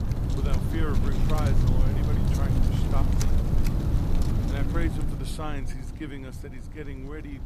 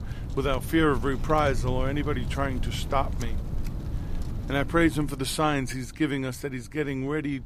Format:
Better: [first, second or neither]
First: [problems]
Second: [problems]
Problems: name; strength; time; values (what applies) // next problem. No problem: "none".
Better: second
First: wind noise on the microphone; heavy; 2 dB above the speech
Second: wind noise on the microphone; occasional gusts; 15 dB below the speech